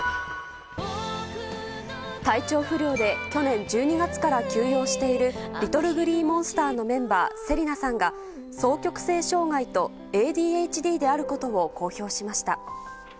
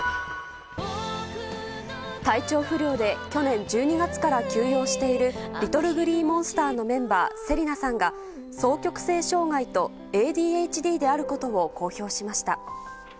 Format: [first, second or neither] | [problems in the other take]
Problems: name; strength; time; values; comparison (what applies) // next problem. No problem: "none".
second | background sound (Glockenspiel); 16 dB below the speech